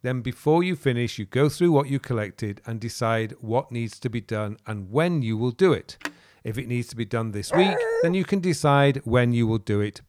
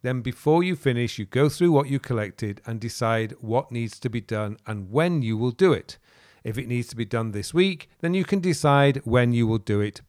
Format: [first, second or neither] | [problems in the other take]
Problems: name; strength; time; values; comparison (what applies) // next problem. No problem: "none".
second | phone ringing; faint; at 6 s; peak 10 dB below the speech // dog barking; loud; at 7.5 s; peak 1 dB above the speech